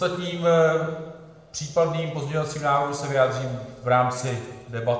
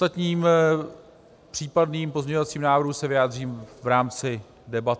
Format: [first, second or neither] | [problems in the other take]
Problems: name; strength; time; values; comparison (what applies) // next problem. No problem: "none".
second | room echo; dies away in 1.1 s